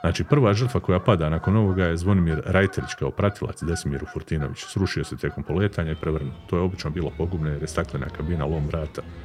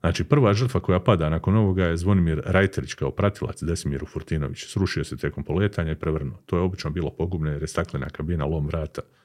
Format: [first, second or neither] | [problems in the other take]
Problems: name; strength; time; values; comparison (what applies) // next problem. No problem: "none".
second | animal sounds; noticeable; throughout; 15 dB below the speech